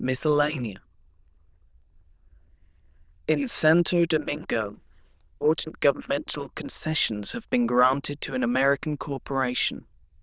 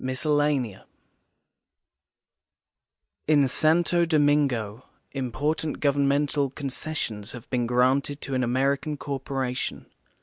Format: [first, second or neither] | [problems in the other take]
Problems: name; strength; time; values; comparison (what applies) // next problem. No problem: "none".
second | noise reduction (neural diffusion model UNIVERSE++)